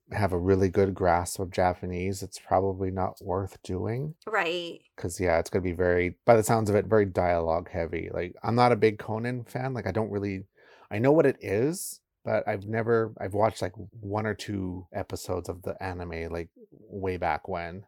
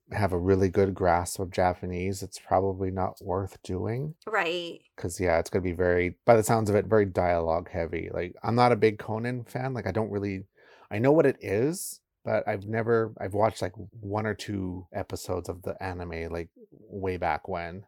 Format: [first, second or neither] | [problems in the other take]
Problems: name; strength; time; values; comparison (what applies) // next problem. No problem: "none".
neither | none